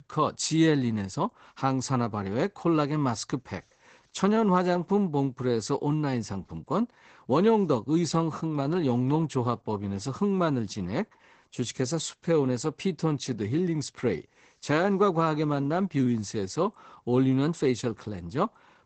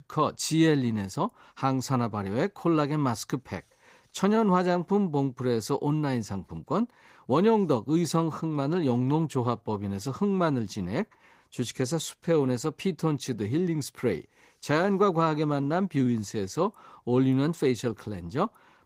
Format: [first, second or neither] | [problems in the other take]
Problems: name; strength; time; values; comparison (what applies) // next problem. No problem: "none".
second | garbled, watery; badly; nothing above 8 kHz; slightly in the second